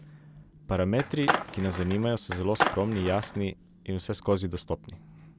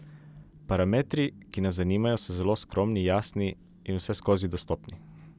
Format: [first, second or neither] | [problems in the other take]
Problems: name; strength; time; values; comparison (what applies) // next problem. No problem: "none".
second | background sound (Skateboard); 2 dB below the speech